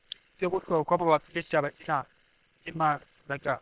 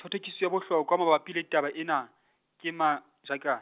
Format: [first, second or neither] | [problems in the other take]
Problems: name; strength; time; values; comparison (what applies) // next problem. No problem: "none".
second | noise reduction (neural separator model SepFormer WHAM!)